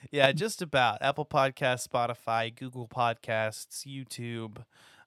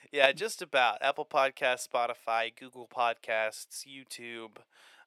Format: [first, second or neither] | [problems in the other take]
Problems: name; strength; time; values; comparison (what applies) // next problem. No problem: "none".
first | thin; somewhat; fading below 450 Hz